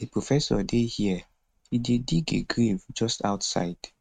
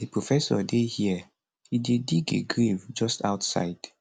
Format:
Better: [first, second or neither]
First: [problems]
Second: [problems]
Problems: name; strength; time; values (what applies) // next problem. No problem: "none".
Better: second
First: noise reduction (neural mask model RNNoise)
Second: none